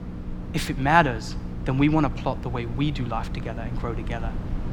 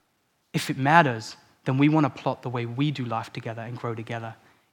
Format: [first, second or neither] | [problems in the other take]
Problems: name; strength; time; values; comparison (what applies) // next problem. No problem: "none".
second | low rumble; noticeable; throughout; 15 dB below the speech